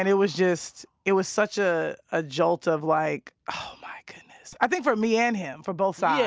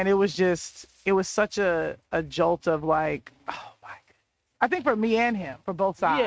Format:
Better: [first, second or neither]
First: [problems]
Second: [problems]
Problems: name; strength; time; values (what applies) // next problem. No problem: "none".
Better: first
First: none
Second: noise reduction (neural mask model RNNoise)